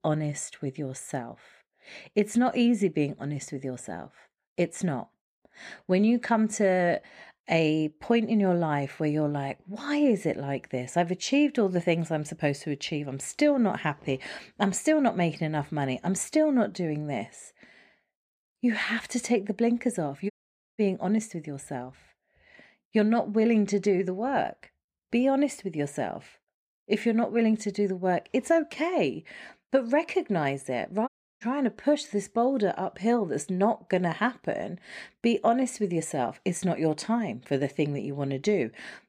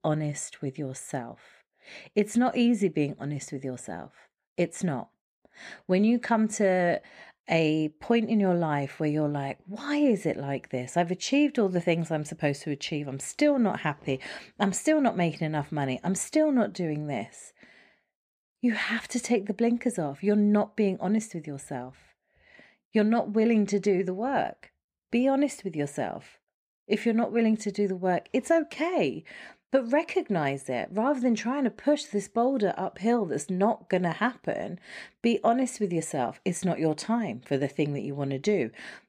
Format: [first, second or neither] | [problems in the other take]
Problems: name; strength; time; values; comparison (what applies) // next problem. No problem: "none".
second | audio cutting out; at 20 s and at 31 s